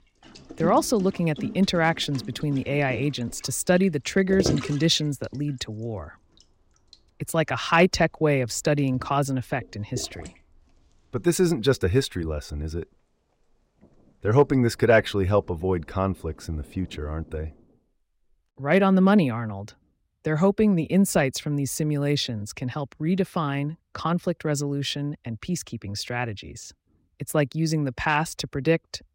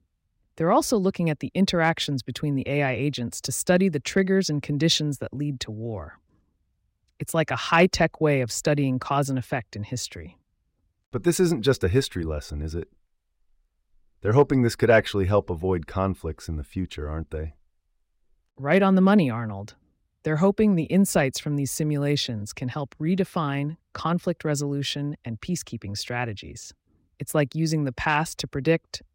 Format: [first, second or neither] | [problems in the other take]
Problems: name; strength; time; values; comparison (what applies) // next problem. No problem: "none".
second | rain or running water; noticeable; until 17 s; 10 dB below the speech